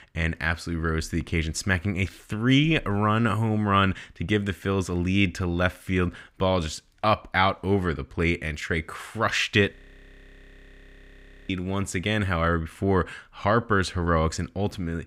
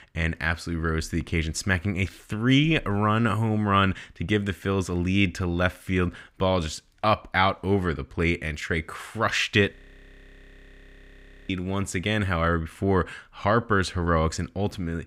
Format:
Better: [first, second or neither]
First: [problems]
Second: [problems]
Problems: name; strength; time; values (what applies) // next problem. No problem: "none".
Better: neither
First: audio freezing; at 10 s for 1.5 s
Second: audio freezing; at 10 s for 1.5 s